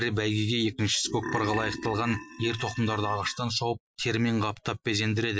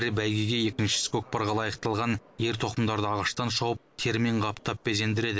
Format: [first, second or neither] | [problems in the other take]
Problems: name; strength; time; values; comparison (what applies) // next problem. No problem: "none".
second | noise reduction (classical method Wiener filter)